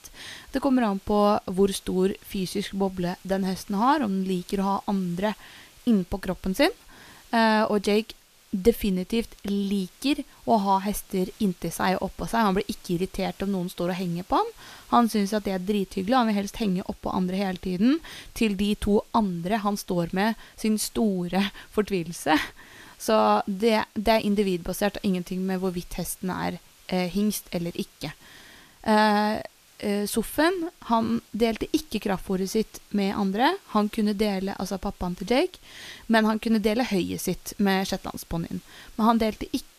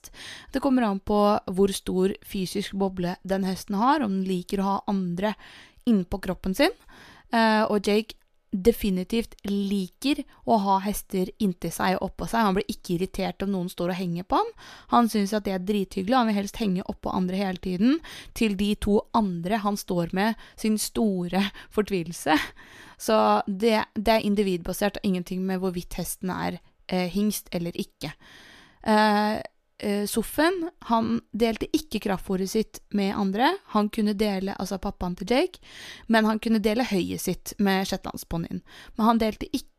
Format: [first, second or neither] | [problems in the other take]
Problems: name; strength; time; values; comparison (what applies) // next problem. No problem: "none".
second | hiss; faint; throughout; 25 dB below the speech